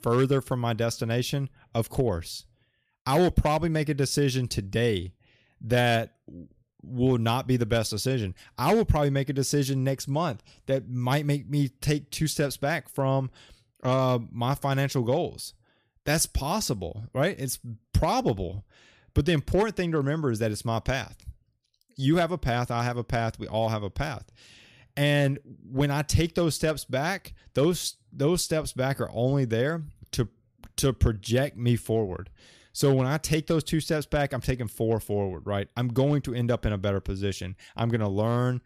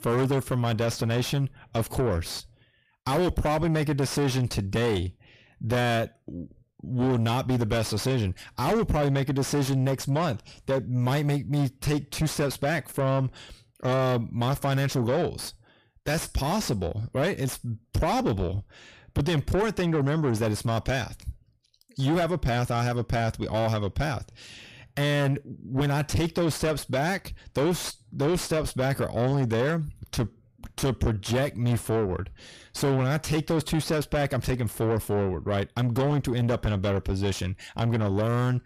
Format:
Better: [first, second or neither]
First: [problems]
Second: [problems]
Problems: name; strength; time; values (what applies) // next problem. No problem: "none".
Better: first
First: none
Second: distortion; heavy; 7 dB below the speech